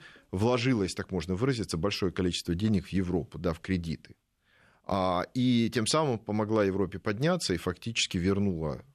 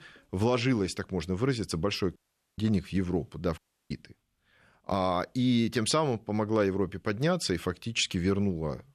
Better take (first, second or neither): first